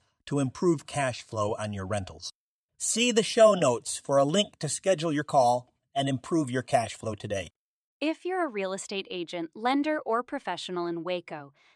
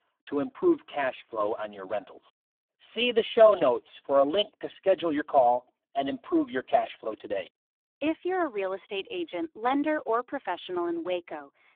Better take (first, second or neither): first